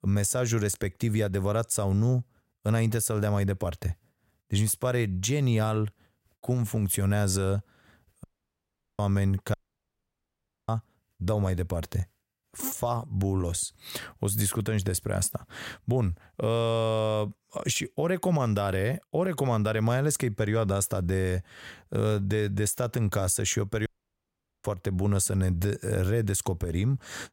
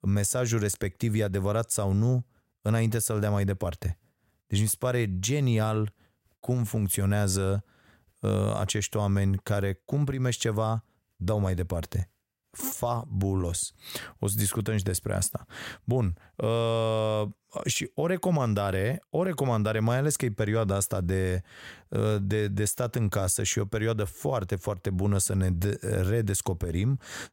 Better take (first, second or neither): second